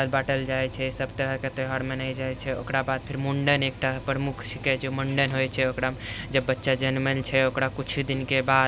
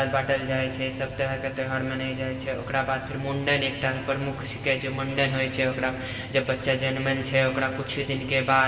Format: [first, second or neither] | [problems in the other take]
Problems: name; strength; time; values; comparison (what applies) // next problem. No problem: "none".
first | room echo; dies away in 1.9 s